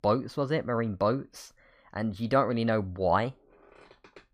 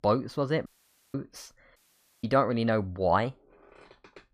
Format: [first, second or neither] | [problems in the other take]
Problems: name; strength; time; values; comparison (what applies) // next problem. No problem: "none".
first | audio cutting out; at 0.5 s and at 2 s